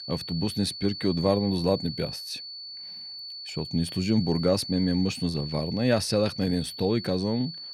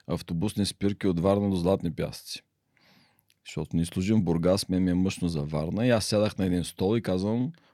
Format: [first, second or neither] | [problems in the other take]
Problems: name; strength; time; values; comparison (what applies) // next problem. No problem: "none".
second | high-pitched whine; loud; throughout; 4.5 kHz, 9 dB below the speech